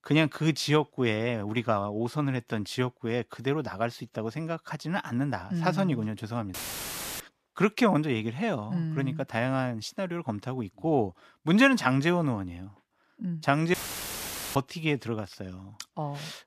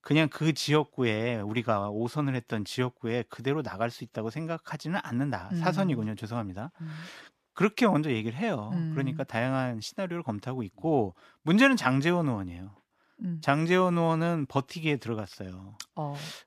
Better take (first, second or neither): second